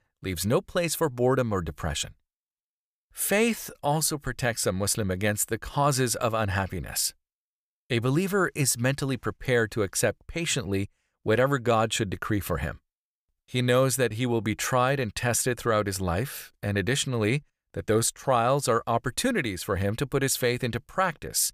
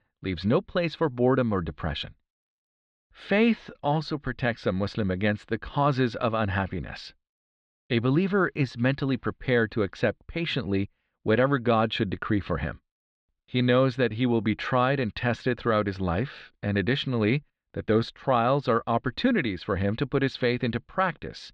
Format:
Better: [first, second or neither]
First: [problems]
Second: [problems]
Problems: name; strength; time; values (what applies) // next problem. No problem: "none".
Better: first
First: none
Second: muffled; slightly; fading above 4 kHz